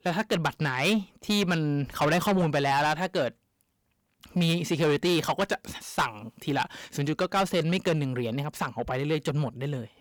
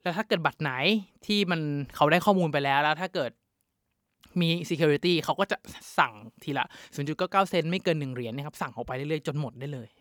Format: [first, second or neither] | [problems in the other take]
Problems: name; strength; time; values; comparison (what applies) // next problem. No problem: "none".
second | distortion; heavy; 8 dB below the speech